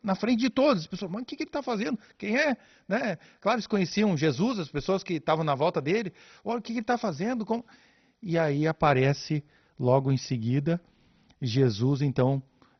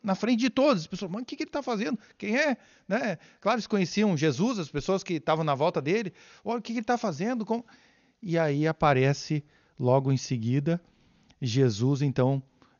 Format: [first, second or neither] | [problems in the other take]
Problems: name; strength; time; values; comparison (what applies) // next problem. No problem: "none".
second | garbled, watery; badly; nothing above 6 kHz; slightly in the second